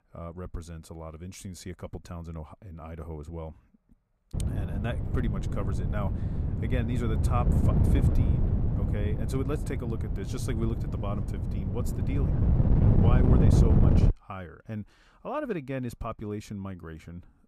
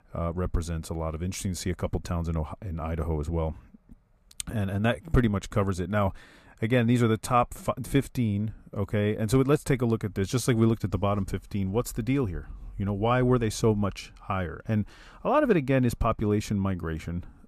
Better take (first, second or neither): second